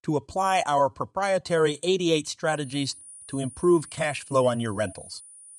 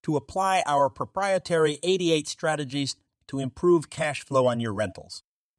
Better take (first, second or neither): second